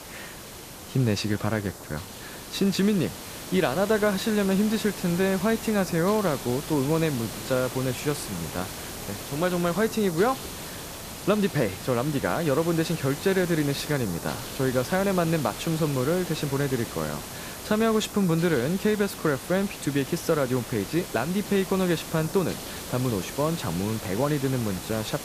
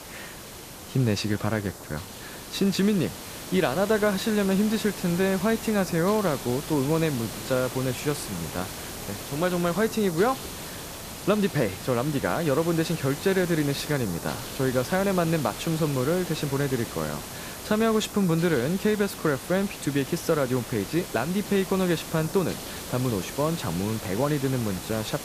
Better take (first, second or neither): neither